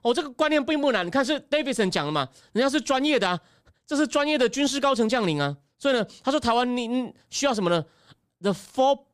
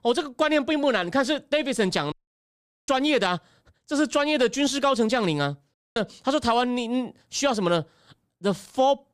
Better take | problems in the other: first | audio cutting out; at 2 s for 1 s and at 5.5 s

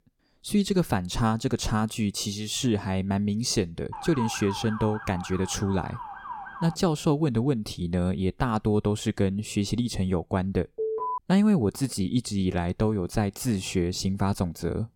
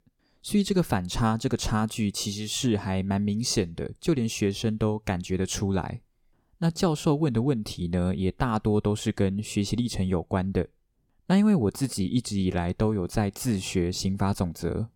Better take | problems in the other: second | siren; noticeable; from 4 to 7 s; peak 8 dB below the speech // alarm; noticeable; at 11 s; peak 3 dB below the speech

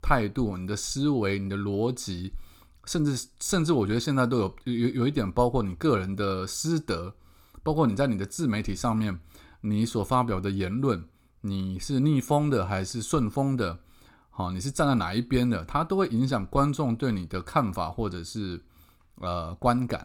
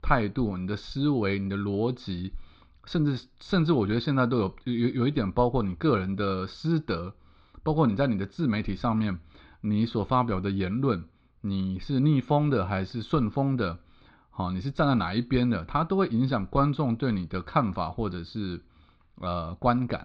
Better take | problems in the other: first | muffled; slightly; fading above 4 kHz

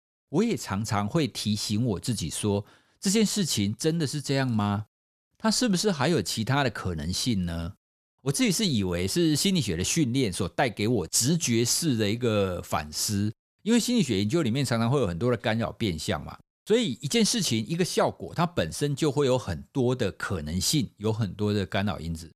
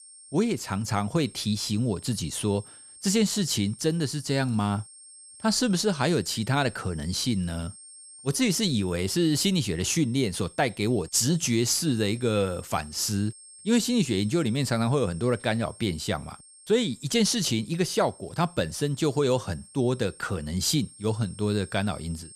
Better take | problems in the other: first | high-pitched whine; noticeable; throughout; 8.5 kHz, 20 dB below the speech

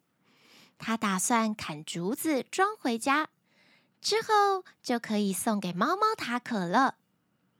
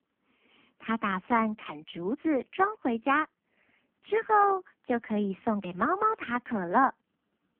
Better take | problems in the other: first | phone-call audio; poor line

